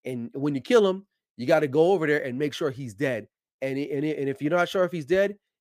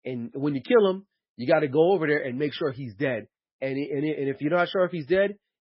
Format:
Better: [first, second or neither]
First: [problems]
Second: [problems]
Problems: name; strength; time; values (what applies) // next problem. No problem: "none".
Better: first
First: none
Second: garbled, watery; badly; nothing above 5.5 kHz